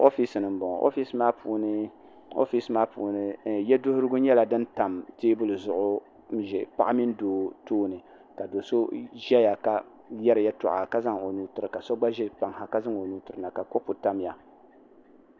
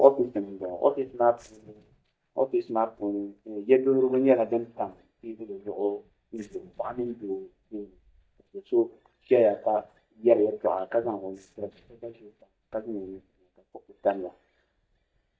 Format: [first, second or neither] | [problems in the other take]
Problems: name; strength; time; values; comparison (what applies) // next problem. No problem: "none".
first | noise reduction (neural mask model DeepFilterNet 3)